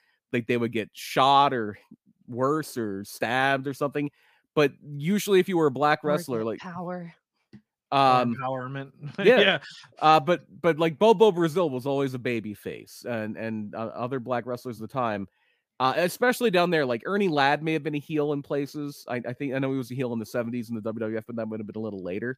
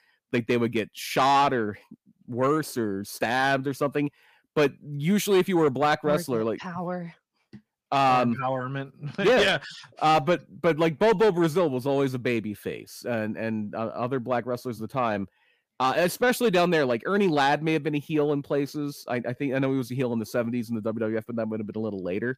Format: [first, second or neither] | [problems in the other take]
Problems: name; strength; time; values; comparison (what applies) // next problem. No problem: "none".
first | distortion; slight; 10 dB below the speech